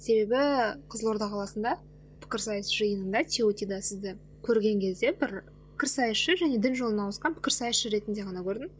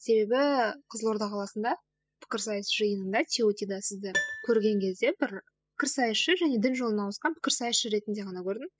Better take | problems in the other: first | noise reduction (classical method spectral subtraction)

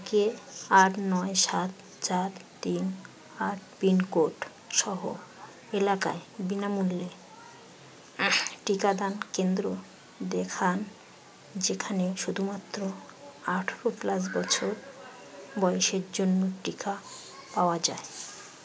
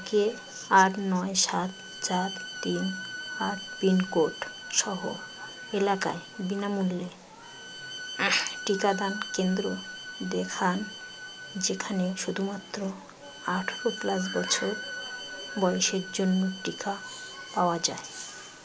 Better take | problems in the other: first | background sound (Bowed string instrument); 12 dB below the speech

